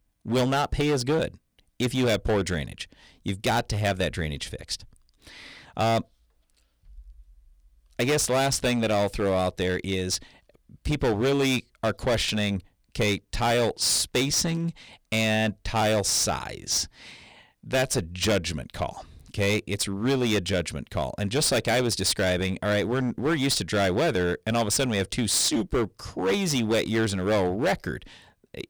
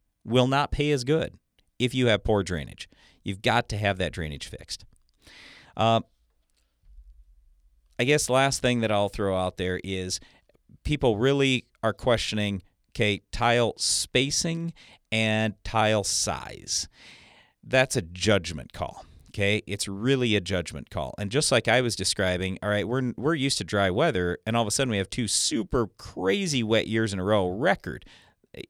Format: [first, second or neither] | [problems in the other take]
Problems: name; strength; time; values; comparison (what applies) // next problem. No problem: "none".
second | distortion; heavy; 11% of the sound clipped